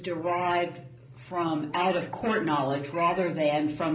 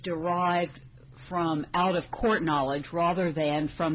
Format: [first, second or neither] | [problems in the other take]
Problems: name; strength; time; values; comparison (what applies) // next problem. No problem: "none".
second | background sound (Meow); 20 dB below the speech // room echo; dies away in 0.5 s